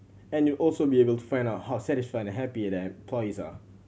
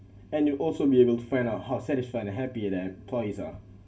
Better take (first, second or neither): first